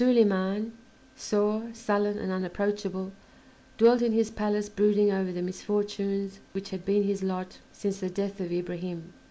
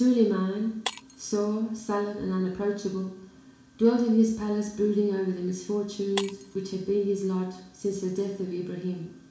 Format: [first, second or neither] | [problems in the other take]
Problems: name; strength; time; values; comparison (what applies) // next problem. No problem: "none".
first | background sound (Shatter); 17 dB below the speech // room echo; dies away in 0.7 s